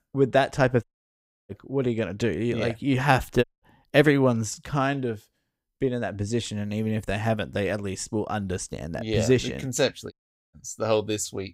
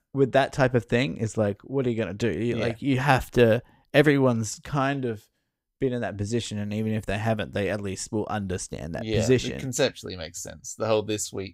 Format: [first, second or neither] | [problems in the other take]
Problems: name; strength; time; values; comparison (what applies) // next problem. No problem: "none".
second | audio cutting out; at 1 s for 0.5 s, at 3.5 s and at 10 s